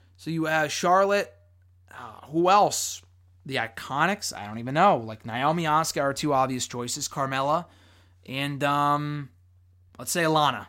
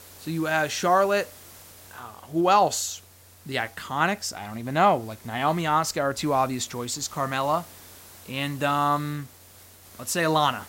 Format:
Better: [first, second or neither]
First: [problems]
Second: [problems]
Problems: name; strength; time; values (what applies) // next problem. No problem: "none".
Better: first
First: none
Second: hiss; faint; throughout; 20 dB below the speech